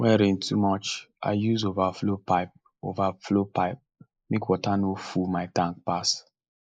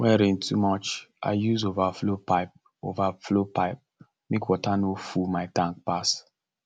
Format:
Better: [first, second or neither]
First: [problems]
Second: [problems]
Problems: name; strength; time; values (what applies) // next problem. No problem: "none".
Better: second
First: noise reduction (neural mask model Resemble Enhance denoiser)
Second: none